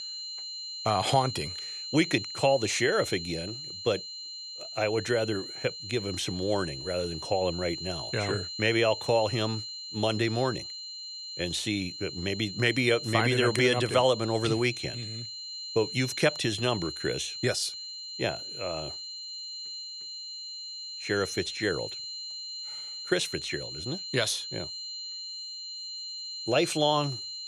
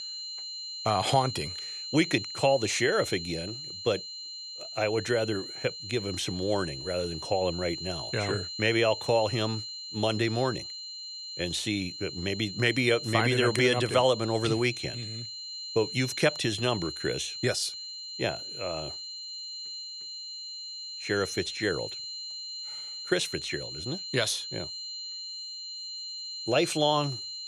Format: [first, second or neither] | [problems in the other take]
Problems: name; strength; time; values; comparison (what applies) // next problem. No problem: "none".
neither | high-pitched whine; loud; throughout; 4 kHz, 8 dB below the speech; the same in both